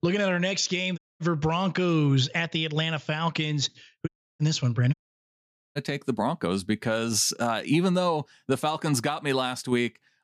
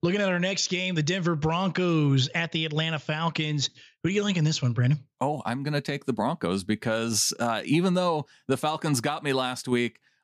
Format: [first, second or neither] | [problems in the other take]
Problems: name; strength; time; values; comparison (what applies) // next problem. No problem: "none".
second | audio cutting out; at 1 s, at 4 s and at 5 s for 1 s